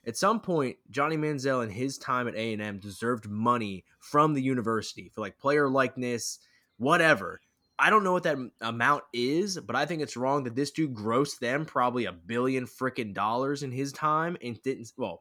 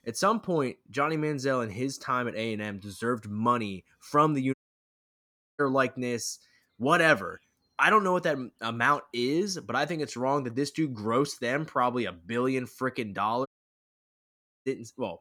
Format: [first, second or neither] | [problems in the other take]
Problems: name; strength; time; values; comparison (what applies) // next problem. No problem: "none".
first | audio cutting out; at 4.5 s for 1 s and at 13 s for 1 s